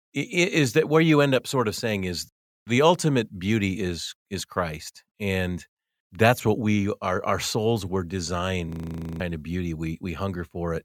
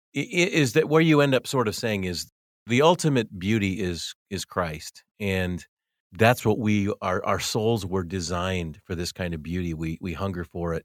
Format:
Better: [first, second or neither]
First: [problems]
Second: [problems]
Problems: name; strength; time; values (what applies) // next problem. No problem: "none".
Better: second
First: audio freezing; at 8.5 s for 0.5 s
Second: none